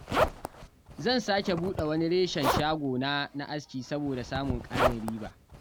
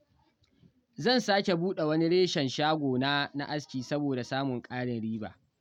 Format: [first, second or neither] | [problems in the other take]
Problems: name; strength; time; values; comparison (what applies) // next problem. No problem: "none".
second | background sound (Zipper (clothing)); 3 dB below the speech